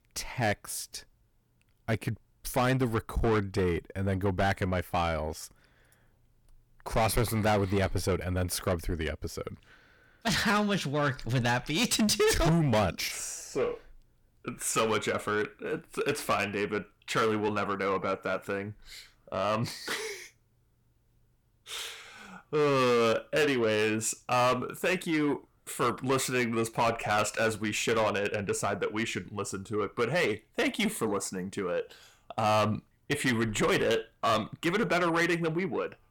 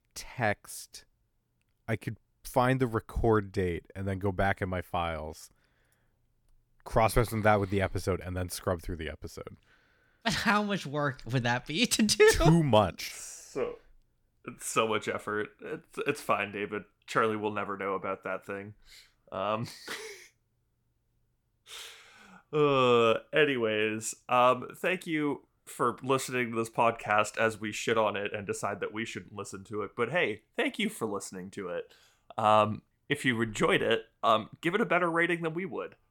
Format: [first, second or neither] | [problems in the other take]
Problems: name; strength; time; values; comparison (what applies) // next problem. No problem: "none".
second | distortion; heavy; 7 dB below the speech